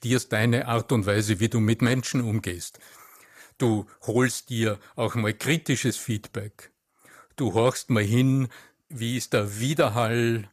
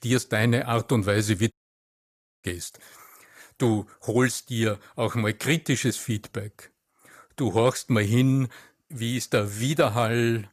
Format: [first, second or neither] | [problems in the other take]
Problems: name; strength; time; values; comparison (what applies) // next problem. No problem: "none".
first | audio cutting out; at 1.5 s for 1 s